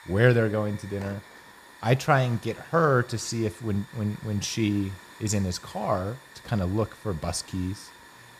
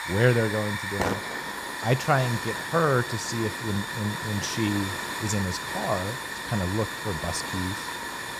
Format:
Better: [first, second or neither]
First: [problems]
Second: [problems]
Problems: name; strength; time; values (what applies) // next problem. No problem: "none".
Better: first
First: hiss; faint; throughout; 20 dB below the speech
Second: hiss; loud; throughout; 3 dB below the speech